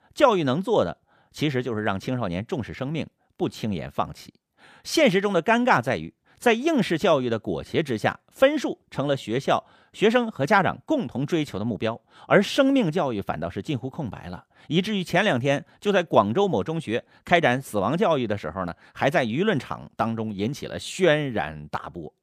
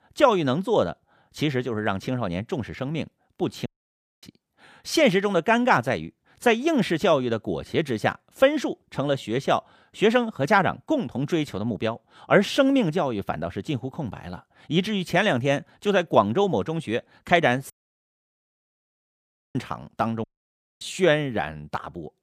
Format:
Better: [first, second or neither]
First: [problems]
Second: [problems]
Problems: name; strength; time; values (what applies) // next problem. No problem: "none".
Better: first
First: none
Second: audio cutting out; at 3.5 s for 0.5 s, at 18 s for 2 s and at 20 s for 0.5 s